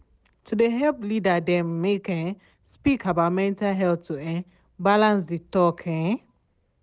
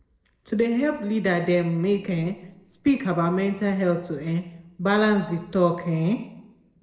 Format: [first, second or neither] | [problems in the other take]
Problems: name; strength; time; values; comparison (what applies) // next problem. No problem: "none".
first | noise reduction (neural separator model SepFormer DNS4)